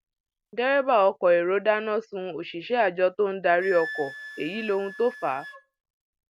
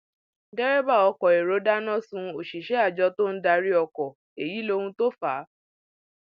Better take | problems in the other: second | background sound (Wind instrument, woodwind instrument); 17 dB below the speech

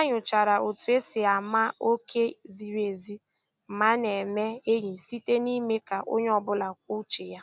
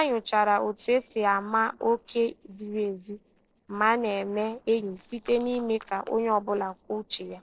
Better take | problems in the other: first | noise reduction (neural separator model SepFormer DNS4)

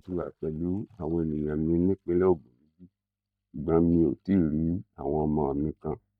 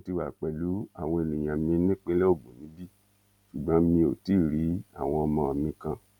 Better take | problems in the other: second | noise reduction (neural mask model DeepFilterNet 3)

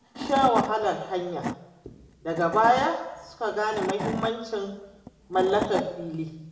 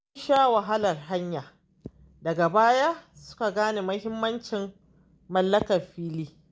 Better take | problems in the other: second | background sound (Wood / Tools); 9 dB below the speech // room echo; dies away in 1 s

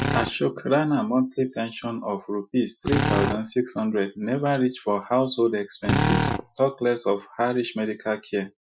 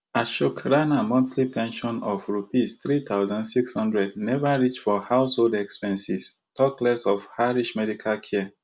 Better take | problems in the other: second | noise reduction (classical method Wiener filter)

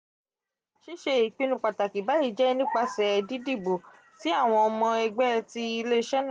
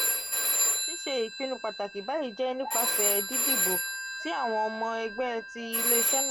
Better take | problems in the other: first | background sound (Telephone); 3 dB above the speech

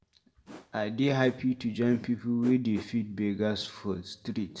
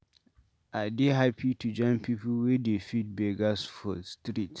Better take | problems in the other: second | background sound (Whoosh, swoosh, swish); 19 dB below the speech // room echo; dies away in 0.5 s

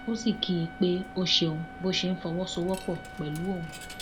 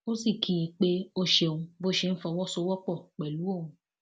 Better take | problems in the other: second | background sound (Trumpet + Coin (dropping)); 13 dB below the speech

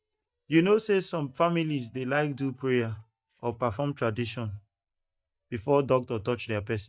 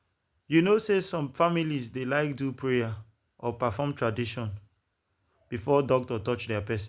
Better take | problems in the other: second | noise reduction (neural mask model DeepFilterNet 3)

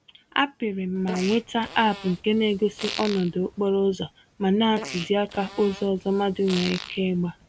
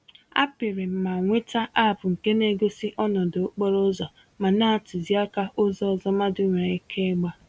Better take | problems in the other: second | background sound (Fart); 13 dB below the speech

